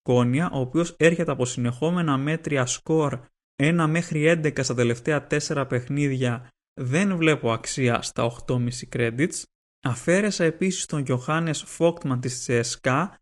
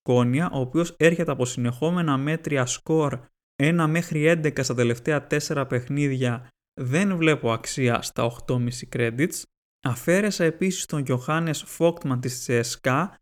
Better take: second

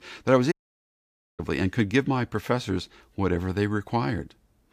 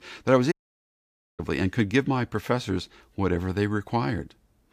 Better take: neither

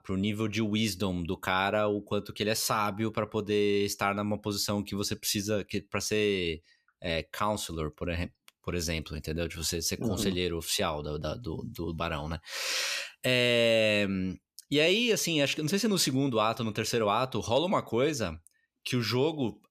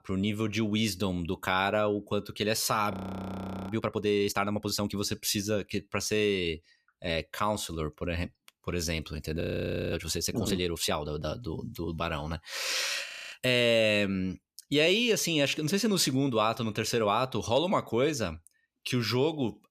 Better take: first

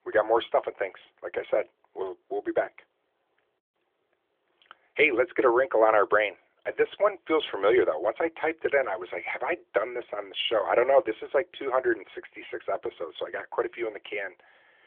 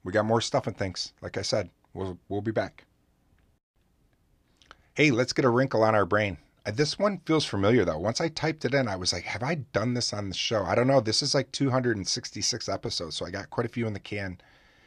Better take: second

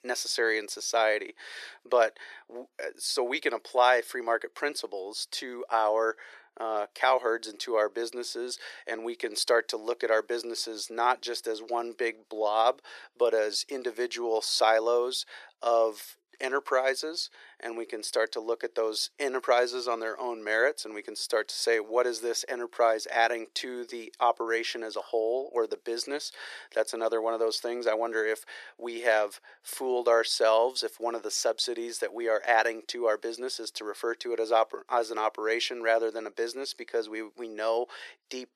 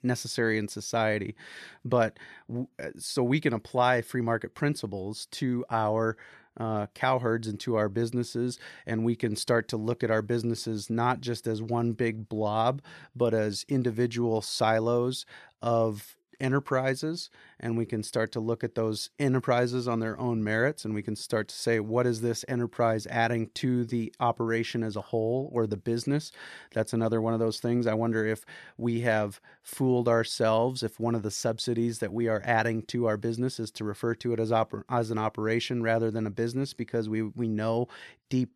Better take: second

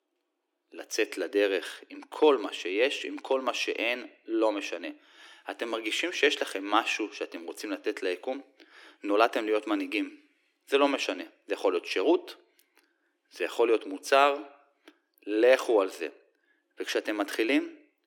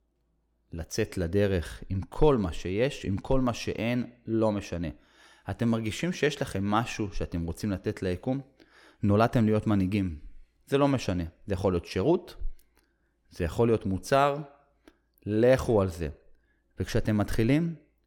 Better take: second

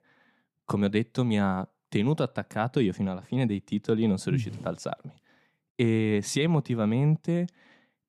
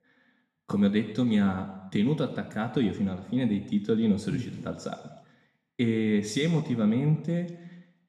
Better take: first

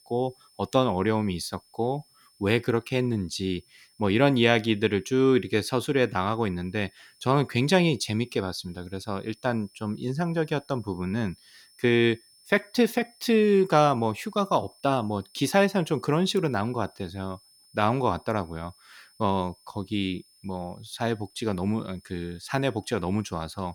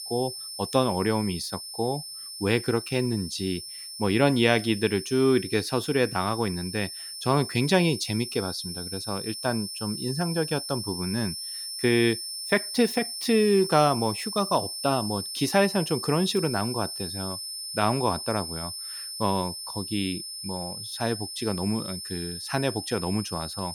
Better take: first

